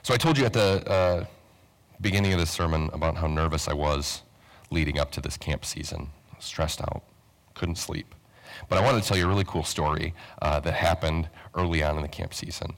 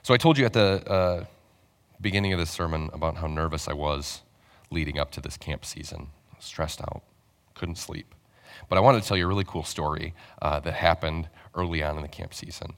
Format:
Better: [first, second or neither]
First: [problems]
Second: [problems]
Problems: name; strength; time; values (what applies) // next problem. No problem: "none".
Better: second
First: distortion; heavy; 6 dB below the speech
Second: none